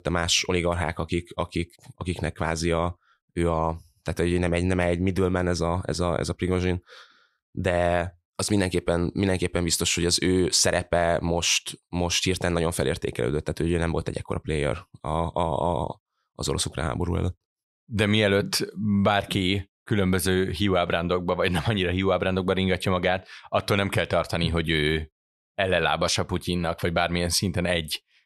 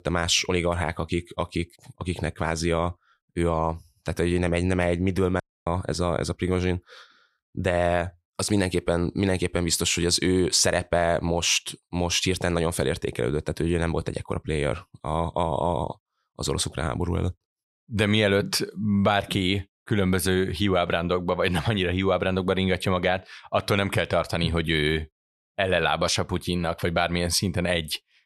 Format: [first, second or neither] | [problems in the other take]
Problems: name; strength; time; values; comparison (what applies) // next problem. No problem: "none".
first | audio cutting out; at 5.5 s